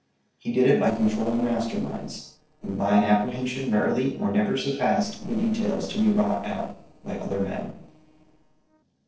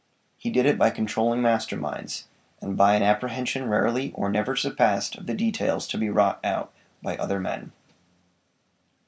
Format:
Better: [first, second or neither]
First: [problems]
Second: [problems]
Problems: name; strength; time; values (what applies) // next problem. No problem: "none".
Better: second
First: noise reduction (neural separator model SepFormer DNS4)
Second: none